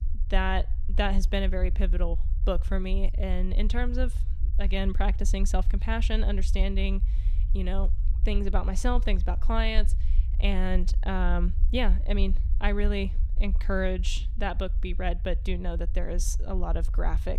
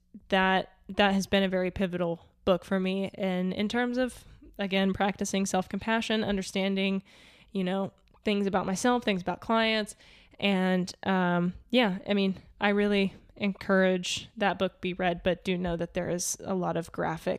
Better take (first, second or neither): second